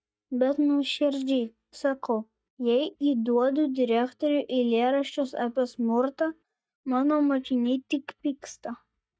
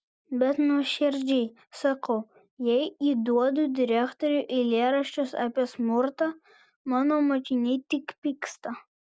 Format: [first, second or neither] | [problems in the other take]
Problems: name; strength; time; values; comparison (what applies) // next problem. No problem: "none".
second | noise reduction (neural mask model DeepFilterNet 3)